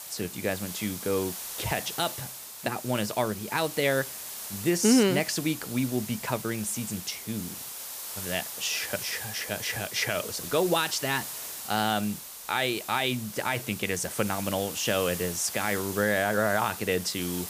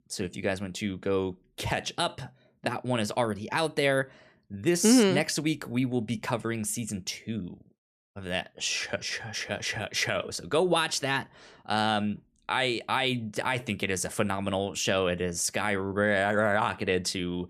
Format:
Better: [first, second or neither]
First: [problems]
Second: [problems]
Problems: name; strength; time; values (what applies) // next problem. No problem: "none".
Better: second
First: hiss; loud; throughout; 8 dB below the speech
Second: none